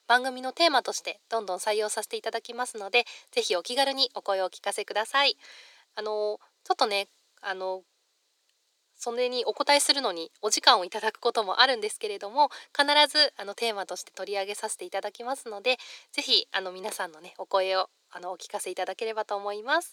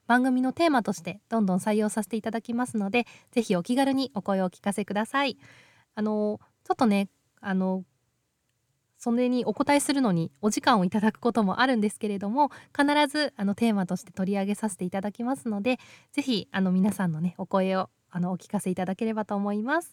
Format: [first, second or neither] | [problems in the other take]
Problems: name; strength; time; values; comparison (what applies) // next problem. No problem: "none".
second | thin; very; fading below 400 Hz